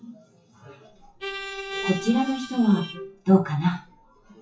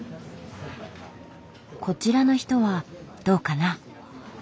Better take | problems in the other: second | noise reduction (classical method WPE with log-MMSE)

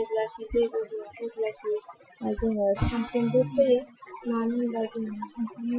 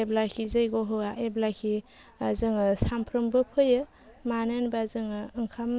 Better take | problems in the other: second | noise reduction (classical method Wiener filter)

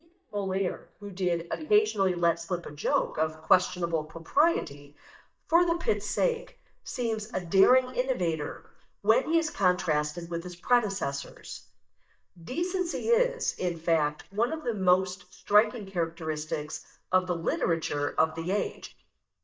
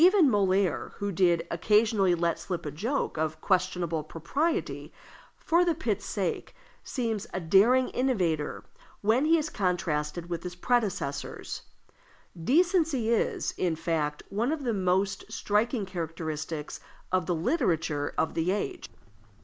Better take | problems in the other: second | noise reduction (neural mask model DeepFilterNet 3)

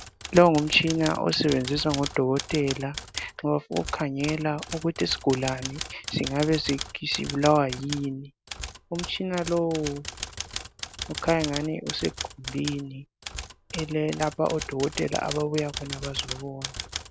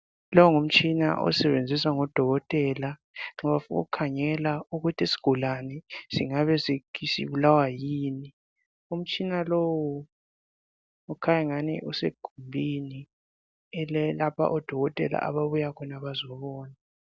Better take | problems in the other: second | background sound (Typewriter); 10 dB below the speech

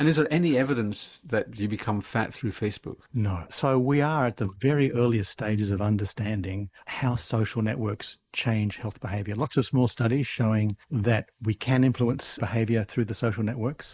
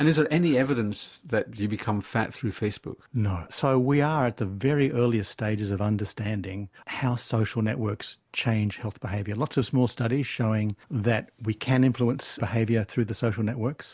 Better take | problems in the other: second | noise reduction (neural mask model Resemble Enhance denoiser)

